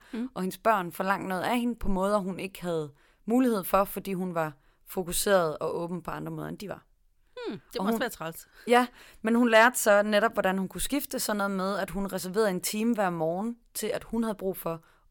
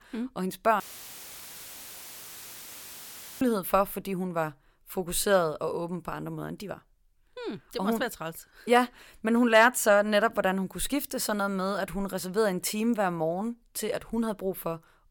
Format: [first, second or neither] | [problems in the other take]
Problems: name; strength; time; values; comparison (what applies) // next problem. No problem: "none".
first | audio cutting out; filled with static; at 1 s for 2.5 s